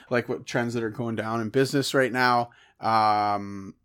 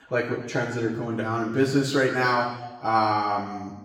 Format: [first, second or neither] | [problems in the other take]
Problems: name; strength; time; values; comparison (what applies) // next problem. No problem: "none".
first | room echo; noticeable; dies away in 1 s // off-mic speech; far